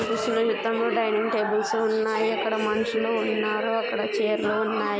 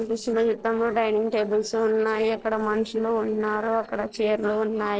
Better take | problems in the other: first | noise reduction (neural separator model SepFormer DNS4)

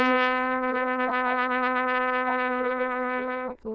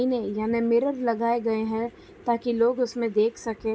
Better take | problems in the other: second | noise reduction (neural diffusion model UNIVERSE++)

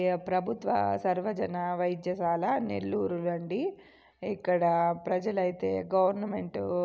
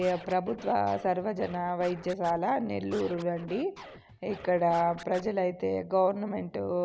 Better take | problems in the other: first | background sound (Scratching (performance technique)); 18 dB below the speech

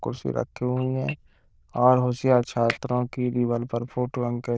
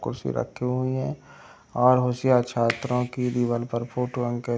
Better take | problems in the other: second | noise reduction (neural diffusion model UNIVERSE++)

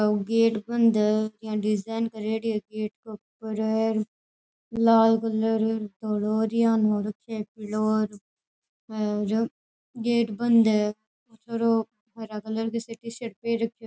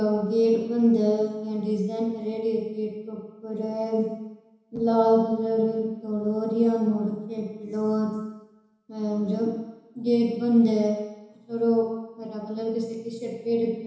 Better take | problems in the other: first | room echo; dies away in 1 s

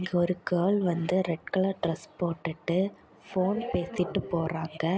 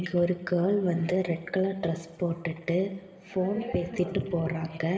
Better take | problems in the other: first | room echo; dies away in 2.4 s

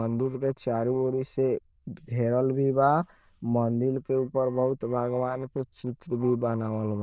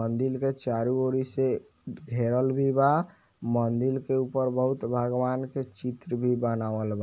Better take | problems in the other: second | noise reduction (neural diffusion model UNIVERSE++)

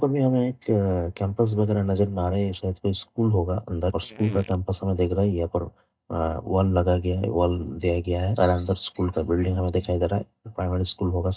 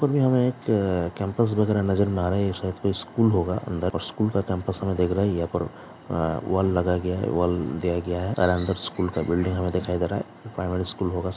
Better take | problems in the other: second | noise reduction (neural mask model DeepFilterNet 3)

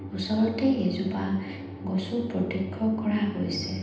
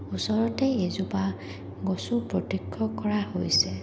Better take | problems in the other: second | room echo; dies away in 0.9 s

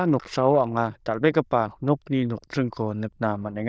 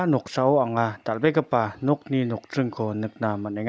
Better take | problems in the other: second | noise reduction (neural diffusion model UNIVERSE++)

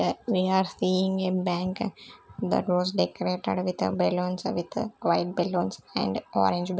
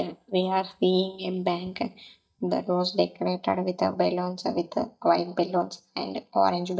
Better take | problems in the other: first | noise reduction (neural mask model DeepFilterNet 3)

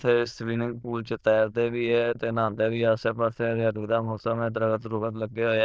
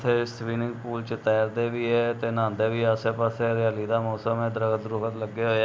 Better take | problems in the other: second | noise reduction (neural diffusion model UNIVERSE++)

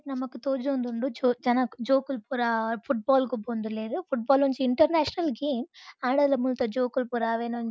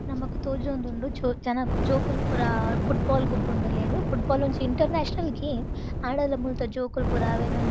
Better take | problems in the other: first | background sound (Fire); 2 dB above the speech

